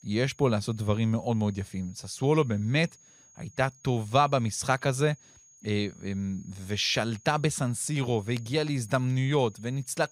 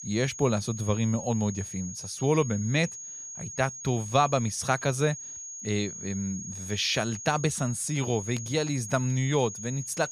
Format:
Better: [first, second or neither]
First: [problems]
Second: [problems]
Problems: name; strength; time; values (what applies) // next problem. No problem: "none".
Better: first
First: high-pitched whine; faint; throughout; 6.5 kHz, 25 dB below the speech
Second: high-pitched whine; loud; throughout; 6.5 kHz, 9 dB below the speech